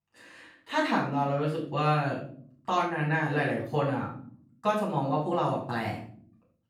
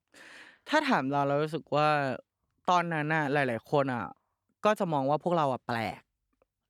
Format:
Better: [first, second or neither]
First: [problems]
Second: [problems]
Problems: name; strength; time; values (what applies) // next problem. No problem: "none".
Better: second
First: off-mic speech; far // room echo; noticeable; dies away in 0.5 s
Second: none